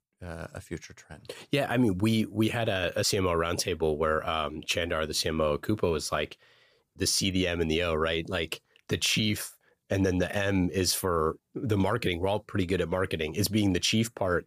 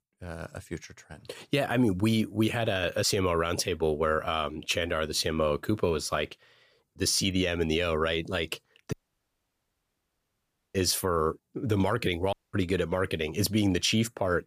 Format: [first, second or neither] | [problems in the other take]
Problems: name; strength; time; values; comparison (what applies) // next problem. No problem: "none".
first | audio cutting out; at 9 s for 2 s and at 12 s